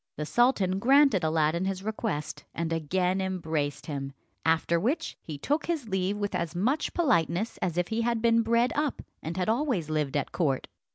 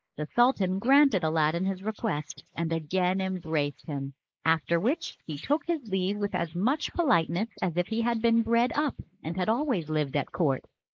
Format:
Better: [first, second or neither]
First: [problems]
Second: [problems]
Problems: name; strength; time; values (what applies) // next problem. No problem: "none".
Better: first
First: none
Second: noise reduction (neural mask model Resemble Enhance denoiser)